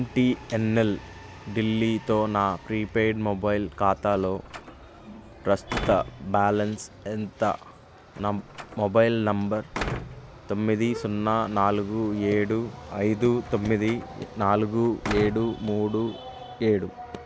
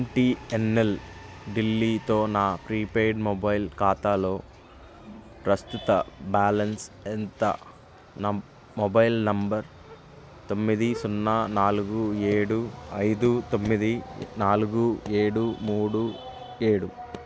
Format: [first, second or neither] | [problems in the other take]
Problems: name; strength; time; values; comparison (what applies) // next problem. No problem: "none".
second | background sound (Slam); 13 dB below the speech